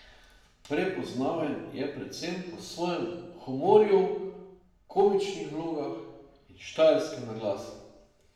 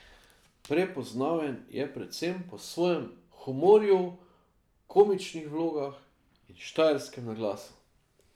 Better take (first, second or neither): second